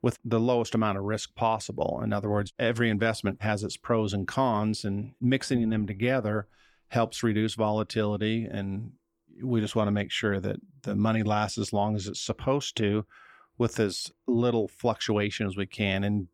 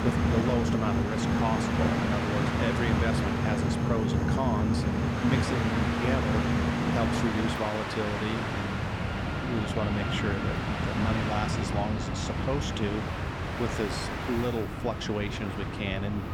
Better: first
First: none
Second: train or aircraft noise; very loud; throughout; 4 dB above the speech

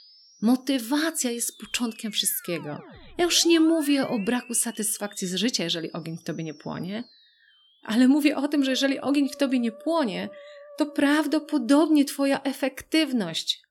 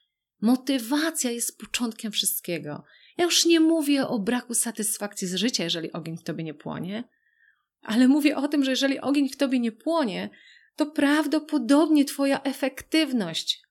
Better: second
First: background music; faint; throughout; 25 dB below the speech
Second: none

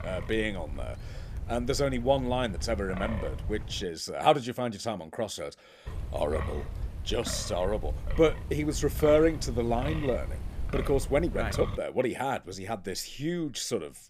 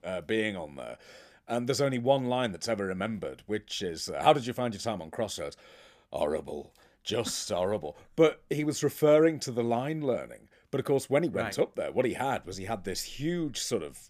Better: second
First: wind noise on the microphone; occasional gusts; until 4 s and from 6 to 12 s; 15 dB below the speech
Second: none

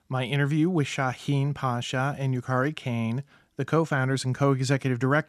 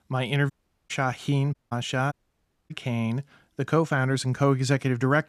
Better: first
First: none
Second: audio cutting out; at 0.5 s, at 1.5 s and at 2 s for 0.5 s

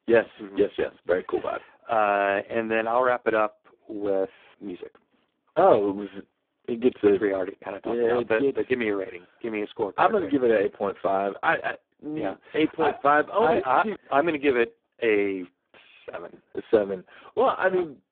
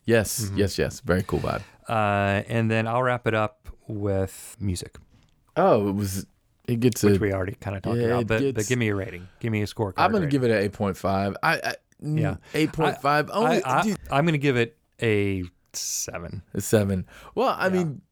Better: second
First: phone-call audio; poor line; nothing above 3.5 kHz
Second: none

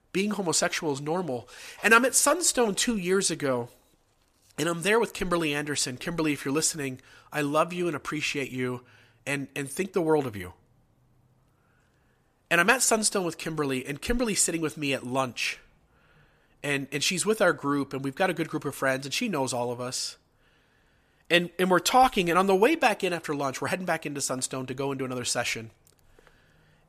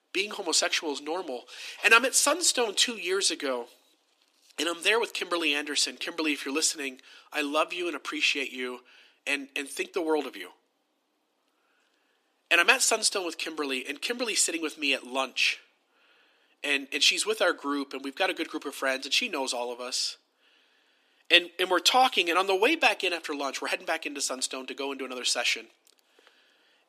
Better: first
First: none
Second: thin; very slightly; fading below 300 Hz

